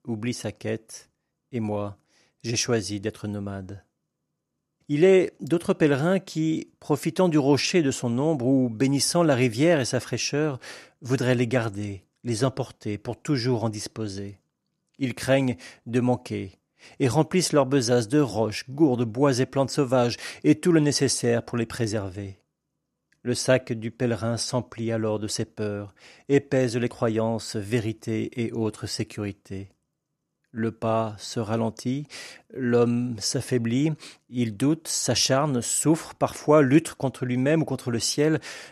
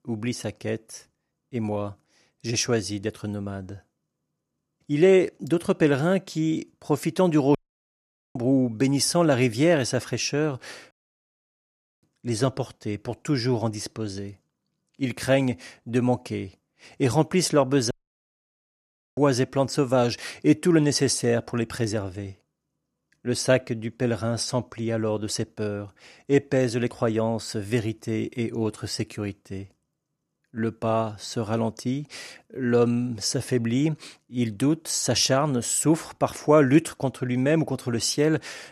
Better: first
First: none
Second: audio cutting out; at 7.5 s for 1 s, at 11 s for 1 s and at 18 s for 1.5 s

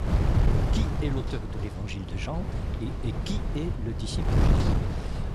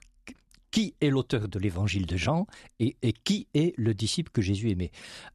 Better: second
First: wind noise on the microphone; heavy; 2 dB above the speech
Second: none

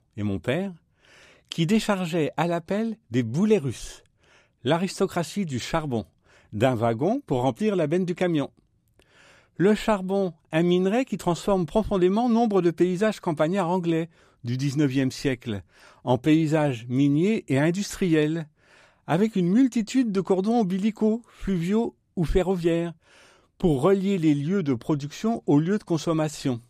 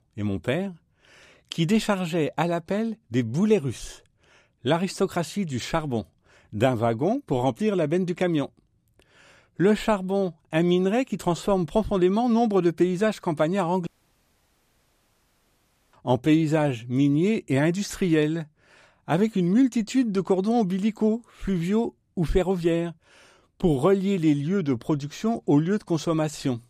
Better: first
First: none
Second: audio cutting out; at 14 s for 2 s

